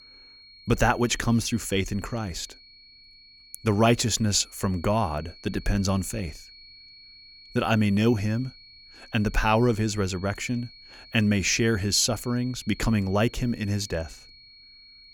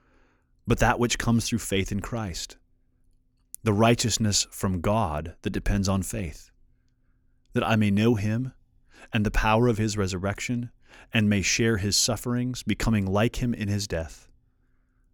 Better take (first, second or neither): second